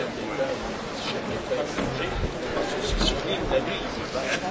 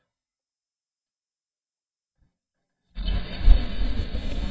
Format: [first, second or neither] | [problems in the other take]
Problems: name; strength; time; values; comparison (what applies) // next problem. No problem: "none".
first | noise reduction (neural mask model DeepFilterNet 3)